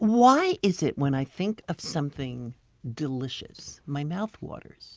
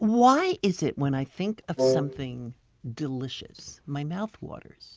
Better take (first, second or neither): first